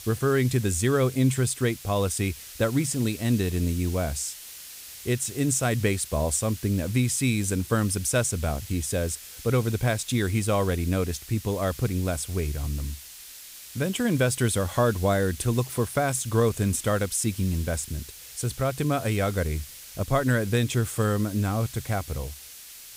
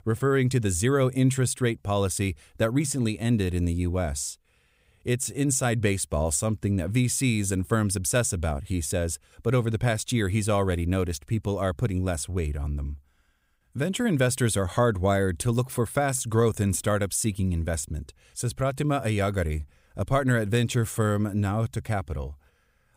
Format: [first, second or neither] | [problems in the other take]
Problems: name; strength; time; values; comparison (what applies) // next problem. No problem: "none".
second | hiss; noticeable; throughout; 15 dB below the speech